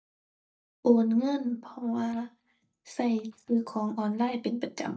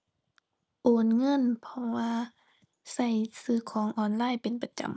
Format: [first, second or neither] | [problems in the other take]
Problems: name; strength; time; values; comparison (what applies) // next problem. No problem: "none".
second | noise reduction (neural mask model DeepFilterNet 3)